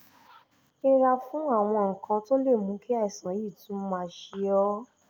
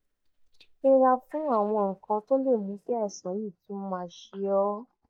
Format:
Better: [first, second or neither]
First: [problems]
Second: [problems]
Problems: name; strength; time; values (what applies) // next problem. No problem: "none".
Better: first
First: none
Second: noise reduction (neural mask model DeepFilterNet 3)